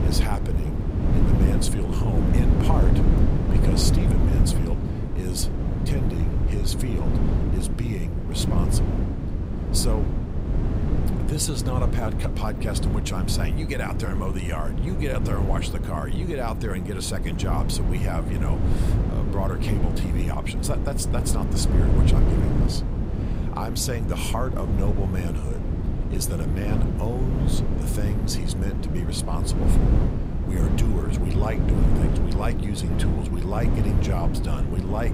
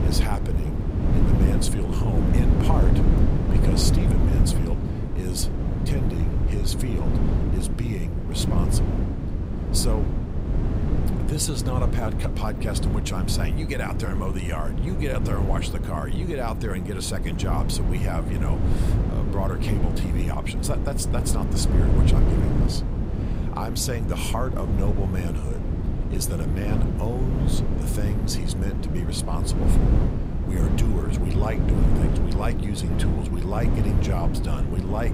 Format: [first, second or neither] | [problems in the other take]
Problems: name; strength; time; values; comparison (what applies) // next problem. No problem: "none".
neither | wind noise on the microphone; heavy; 1 dB below the speech; the same in both